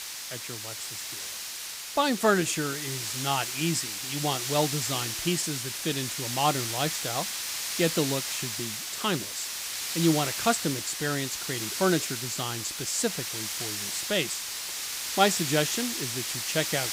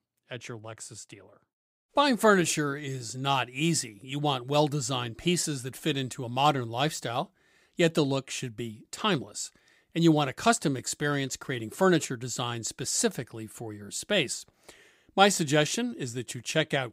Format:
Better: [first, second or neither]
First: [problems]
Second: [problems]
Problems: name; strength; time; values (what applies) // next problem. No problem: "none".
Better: second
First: hiss; loud; throughout; 2 dB below the speech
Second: none